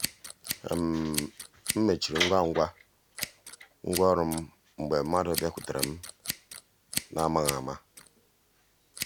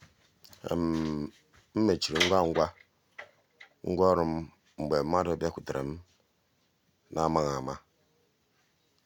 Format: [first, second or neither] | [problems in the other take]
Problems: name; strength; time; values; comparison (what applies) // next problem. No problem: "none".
second | background sound (Scissors); 9 dB below the speech